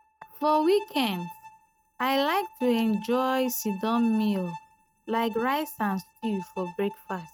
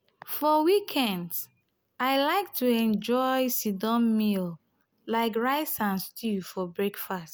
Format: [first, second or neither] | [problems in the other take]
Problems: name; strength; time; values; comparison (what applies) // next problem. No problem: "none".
second | noise reduction (neural mask model RNNoise)